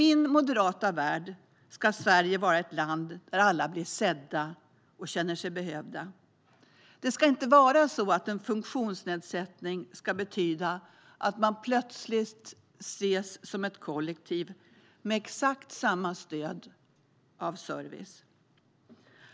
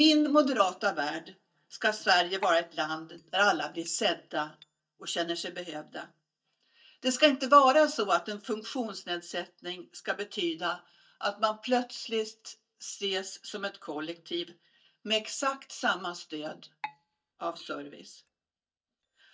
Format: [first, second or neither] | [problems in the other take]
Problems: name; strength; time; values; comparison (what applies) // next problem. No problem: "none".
first | noise reduction (neural mask model DeepFilterNet 3)